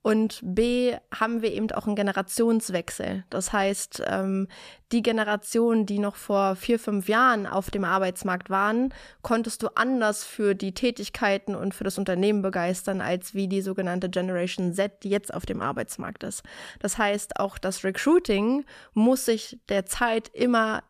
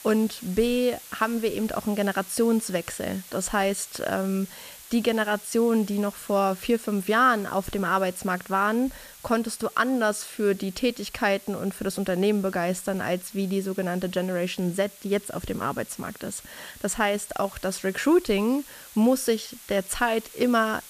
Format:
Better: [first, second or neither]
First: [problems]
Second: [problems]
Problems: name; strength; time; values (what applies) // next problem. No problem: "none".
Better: first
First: none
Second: hiss; noticeable; throughout; 20 dB below the speech